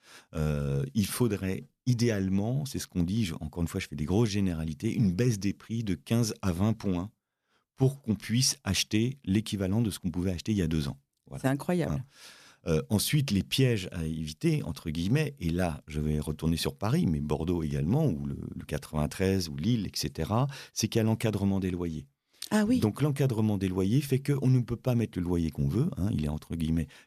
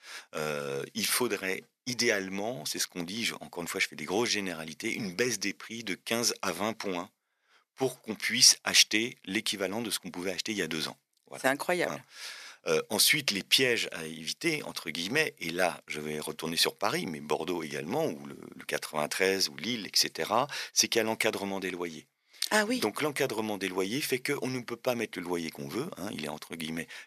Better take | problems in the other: first | thin; very; fading below 500 Hz

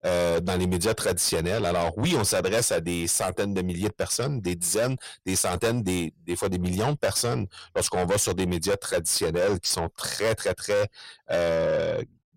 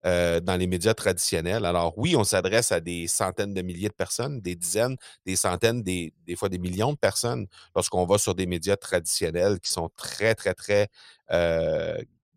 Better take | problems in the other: second | distortion; heavy; 7 dB below the speech

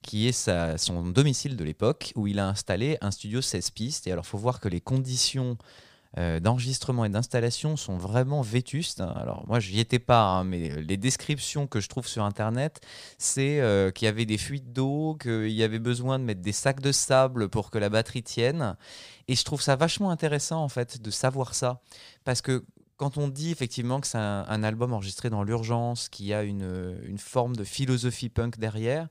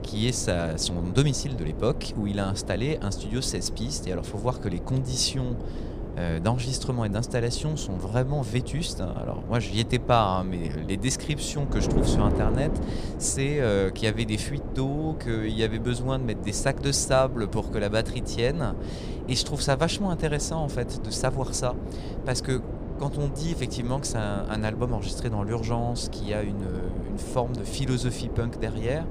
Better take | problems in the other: first | wind noise on the microphone; heavy; 9 dB below the speech

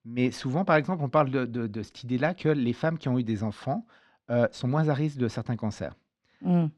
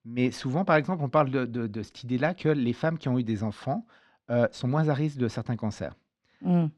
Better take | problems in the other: neither | muffled; slightly; fading above 3 kHz; the same in both

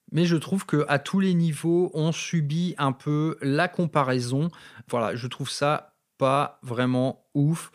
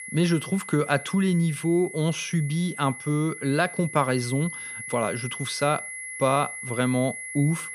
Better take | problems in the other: first | high-pitched whine; loud; throughout; 2 kHz, 10 dB below the speech

